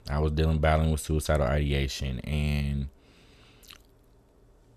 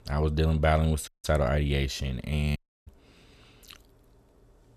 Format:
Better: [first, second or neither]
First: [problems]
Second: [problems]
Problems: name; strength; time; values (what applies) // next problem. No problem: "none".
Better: first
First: none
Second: audio cutting out; at 1 s and at 2.5 s